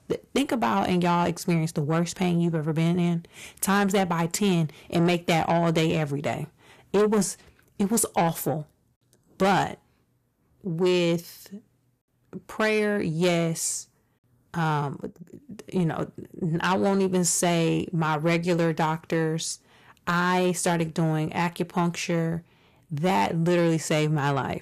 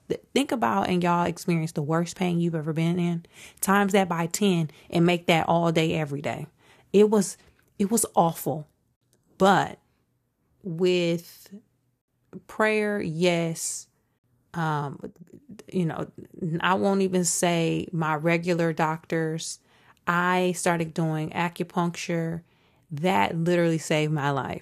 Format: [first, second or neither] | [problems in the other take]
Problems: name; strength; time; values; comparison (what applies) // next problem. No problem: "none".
second | distortion; slight; 10 dB below the speech